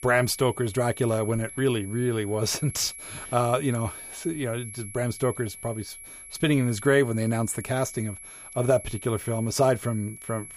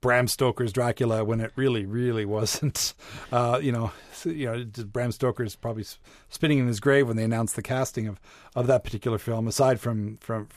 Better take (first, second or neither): second